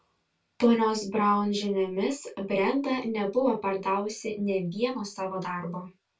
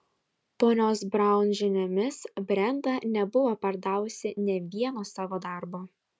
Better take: second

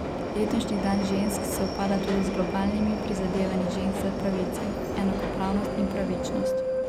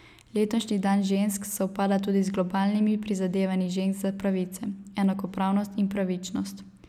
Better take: second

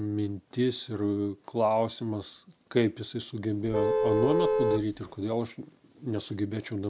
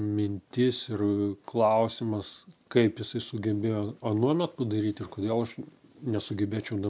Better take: second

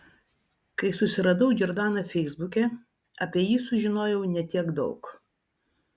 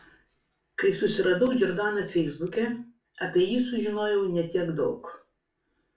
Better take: first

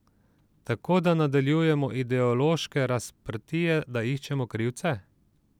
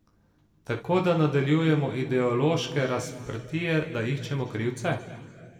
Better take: first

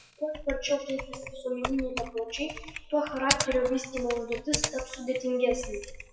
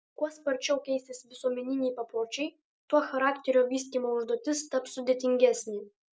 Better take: second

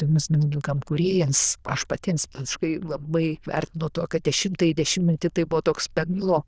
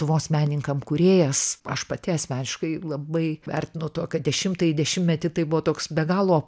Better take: second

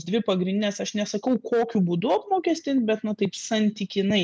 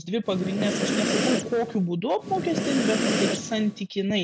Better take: first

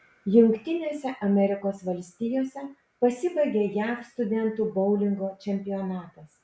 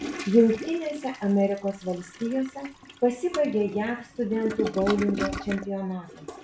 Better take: first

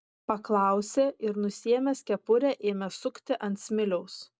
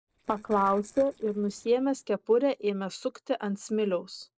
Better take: first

